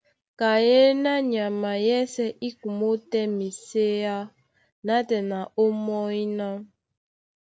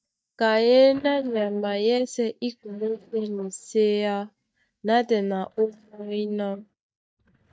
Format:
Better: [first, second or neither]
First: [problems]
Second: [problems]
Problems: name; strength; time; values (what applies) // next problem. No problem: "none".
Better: first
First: none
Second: noise reduction (neural mask model DeepFilterNet 3)